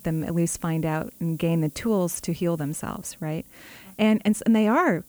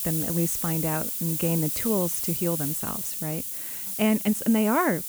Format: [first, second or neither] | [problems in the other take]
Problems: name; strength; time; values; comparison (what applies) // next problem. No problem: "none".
first | hiss; loud; throughout; 1 dB below the speech; faint in the first